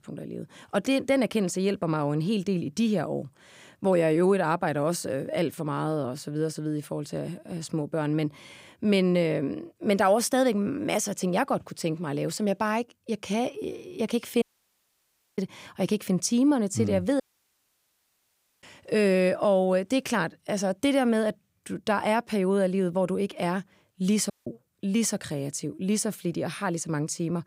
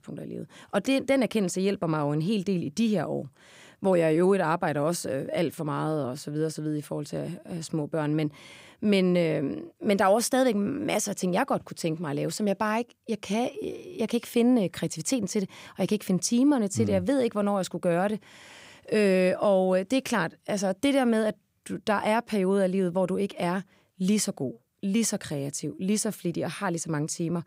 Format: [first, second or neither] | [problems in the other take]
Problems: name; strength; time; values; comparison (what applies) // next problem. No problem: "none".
second | audio cutting out; at 14 s for 1 s, at 17 s for 1.5 s and at 24 s